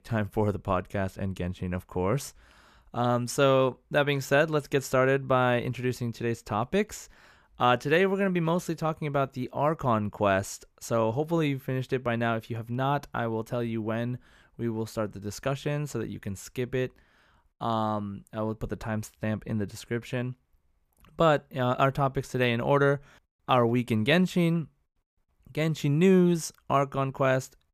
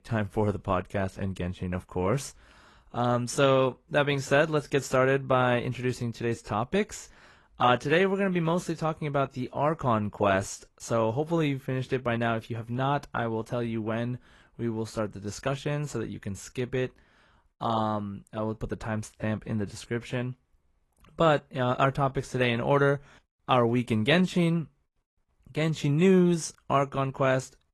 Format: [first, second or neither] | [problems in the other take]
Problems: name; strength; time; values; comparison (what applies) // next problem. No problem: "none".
first | garbled, watery; slightly; nothing above 12 kHz